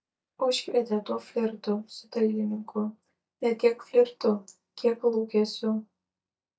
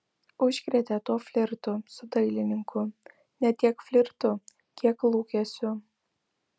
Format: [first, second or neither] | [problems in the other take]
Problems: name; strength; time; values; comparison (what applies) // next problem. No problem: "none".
second | noise reduction (neural mask model DeepFilterNet 3)